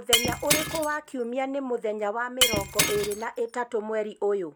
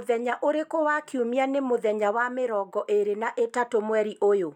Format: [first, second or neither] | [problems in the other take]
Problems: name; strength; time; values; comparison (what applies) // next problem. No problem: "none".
second | background sound (Shatter); 1 dB below the speech